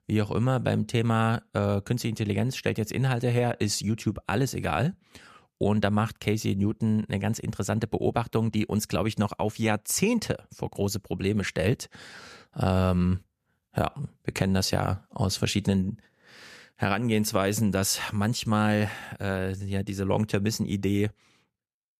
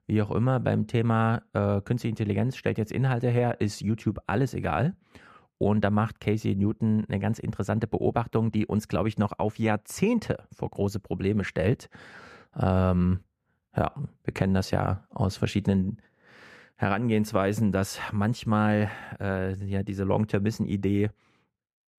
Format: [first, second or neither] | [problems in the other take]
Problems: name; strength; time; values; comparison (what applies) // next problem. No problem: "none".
first | muffled; slightly; fading above 3 kHz